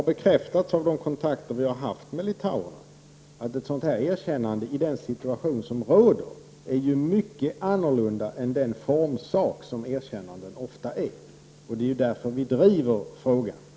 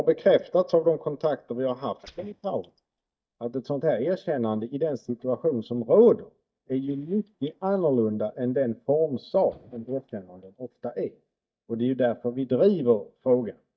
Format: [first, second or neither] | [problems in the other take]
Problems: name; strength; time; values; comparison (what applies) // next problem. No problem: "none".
first | noise reduction (neural mask model DeepFilterNet 3)